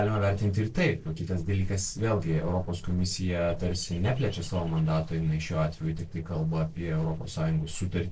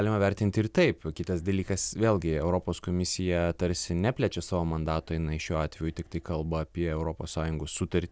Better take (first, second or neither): second